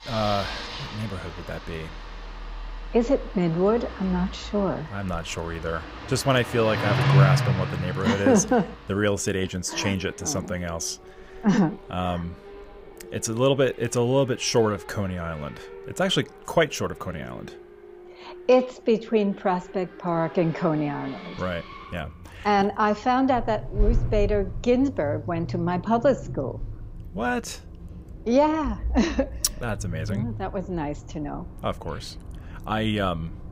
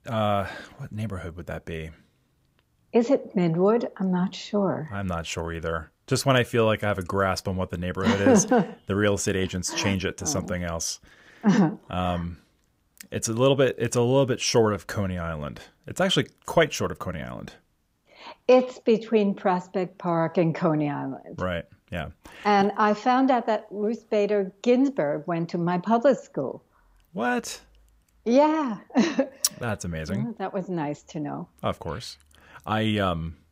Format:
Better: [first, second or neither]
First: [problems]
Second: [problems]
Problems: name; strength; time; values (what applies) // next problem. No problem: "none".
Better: second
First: traffic noise; loud; throughout; 7 dB below the speech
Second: none